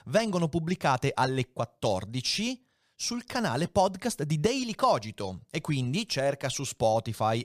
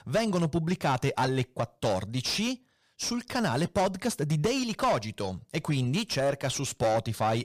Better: first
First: none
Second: distortion; slight; 10 dB below the speech

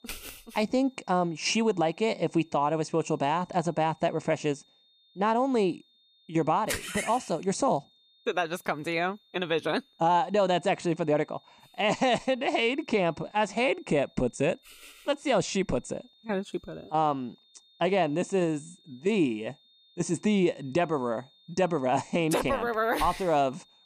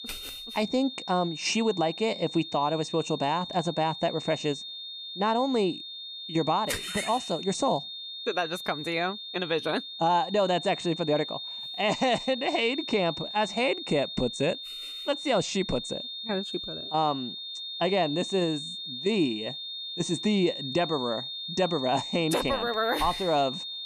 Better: first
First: high-pitched whine; faint; throughout; 3.5 kHz, 30 dB below the speech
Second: high-pitched whine; loud; throughout; 3.5 kHz, 7 dB below the speech

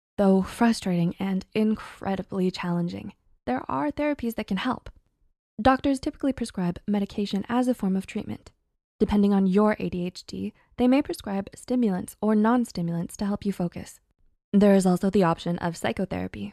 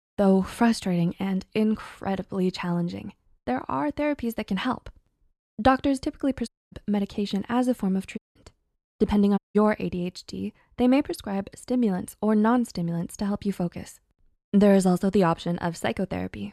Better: first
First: none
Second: audio cutting out; at 6.5 s, at 8 s and at 9.5 s

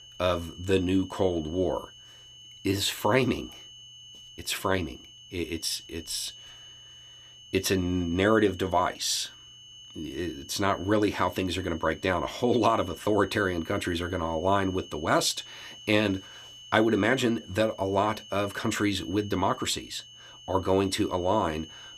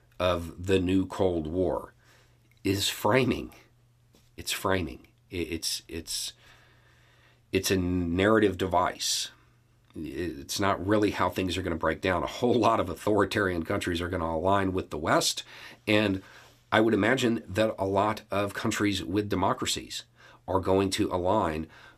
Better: second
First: high-pitched whine; noticeable; throughout; 3 kHz, 20 dB below the speech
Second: none

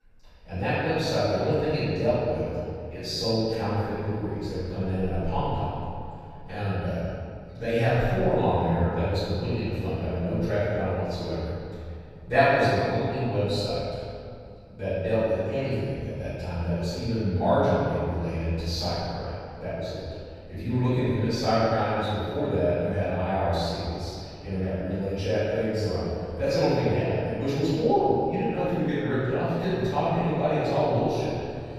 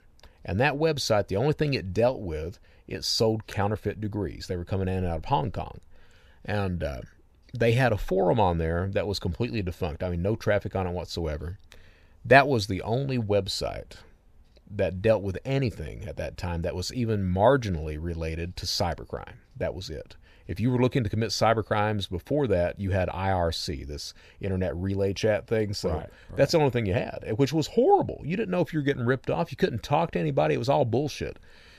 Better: second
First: off-mic speech; far // room echo; strong; dies away in 2.3 s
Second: none

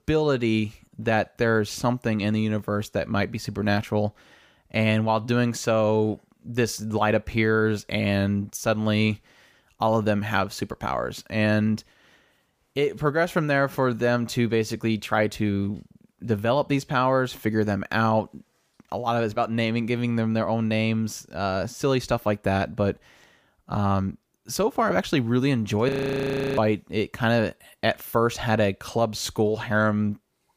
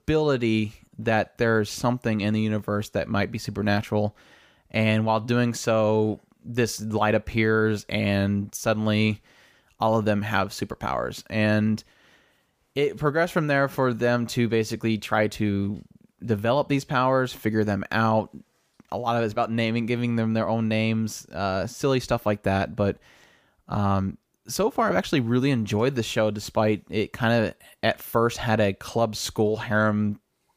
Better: second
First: audio freezing; at 26 s for 0.5 s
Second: none

